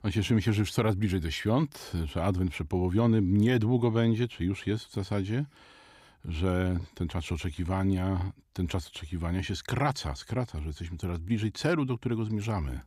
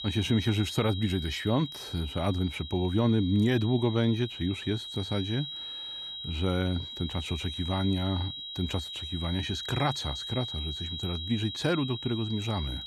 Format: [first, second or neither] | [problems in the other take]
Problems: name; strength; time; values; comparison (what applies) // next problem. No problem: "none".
first | high-pitched whine; loud; throughout; 4 kHz, 7 dB below the speech